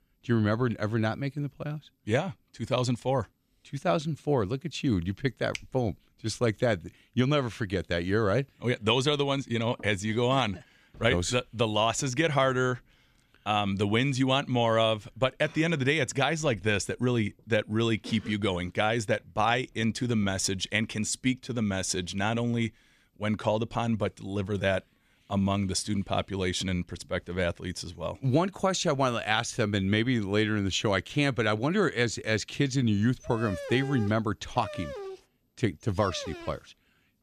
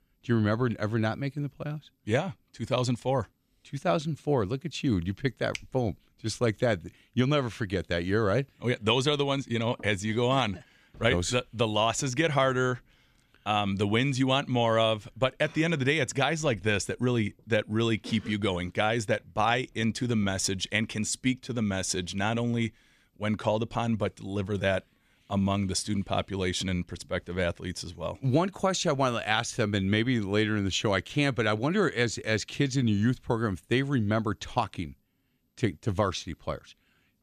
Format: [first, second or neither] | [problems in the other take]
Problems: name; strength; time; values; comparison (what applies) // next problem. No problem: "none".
second | dog barking; noticeable; from 33 to 37 s; peak 9 dB below the speech